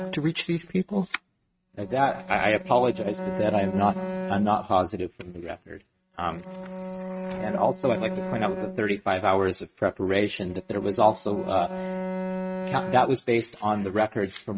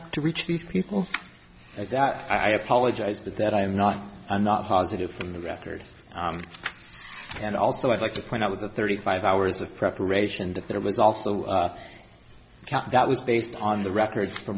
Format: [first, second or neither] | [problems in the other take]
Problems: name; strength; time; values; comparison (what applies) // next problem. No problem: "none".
second | noise reduction (neural mask model RNNoise)